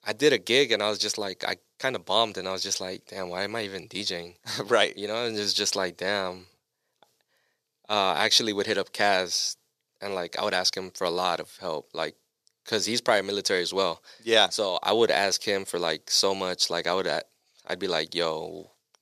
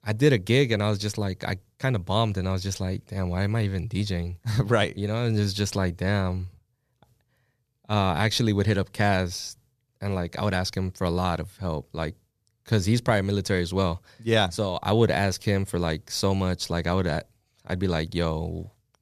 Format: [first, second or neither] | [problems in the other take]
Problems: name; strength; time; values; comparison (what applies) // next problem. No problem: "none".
second | thin; very; fading below 450 Hz